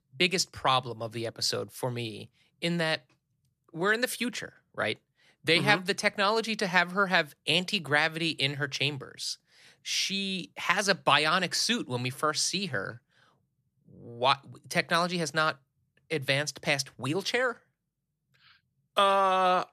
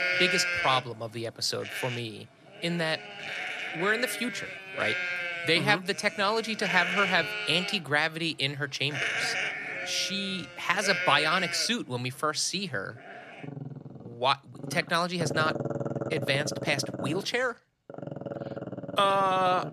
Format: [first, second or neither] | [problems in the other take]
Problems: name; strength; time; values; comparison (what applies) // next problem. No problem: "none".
first | animal sounds; loud; throughout; 5 dB below the speech